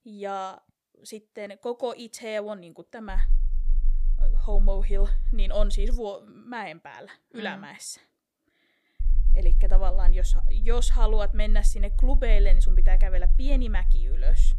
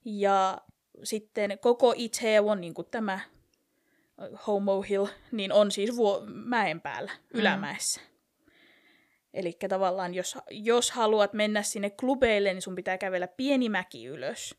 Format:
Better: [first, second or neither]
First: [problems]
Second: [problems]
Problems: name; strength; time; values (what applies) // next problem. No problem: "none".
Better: second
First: low rumble; faint; from 3 to 6 s and from 9 s on; 20 dB below the speech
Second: none